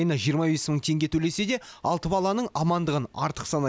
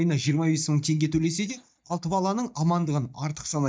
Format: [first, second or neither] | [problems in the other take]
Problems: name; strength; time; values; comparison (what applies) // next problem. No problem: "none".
first | noise reduction (neural mask model DeepFilterNet 3)